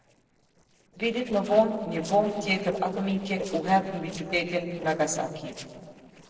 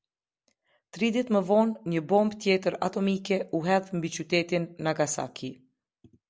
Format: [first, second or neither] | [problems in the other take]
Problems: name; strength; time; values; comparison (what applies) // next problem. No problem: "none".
second | noise reduction (neural separator model SepFormer DNS4)